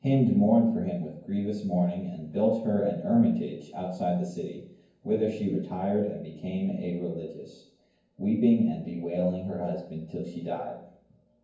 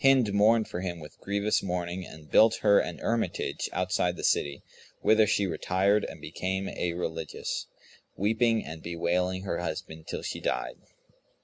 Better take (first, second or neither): second